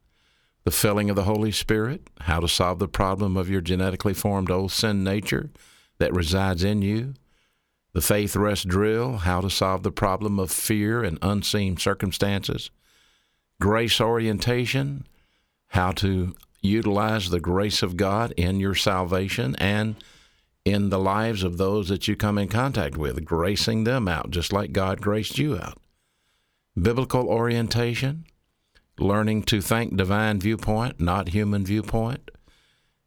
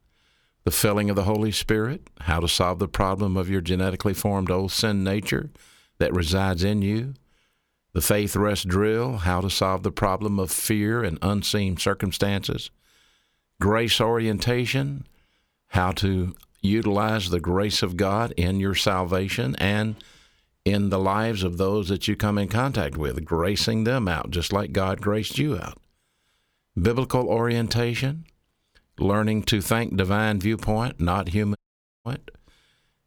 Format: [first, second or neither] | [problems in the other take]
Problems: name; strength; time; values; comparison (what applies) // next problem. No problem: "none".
first | audio cutting out; at 32 s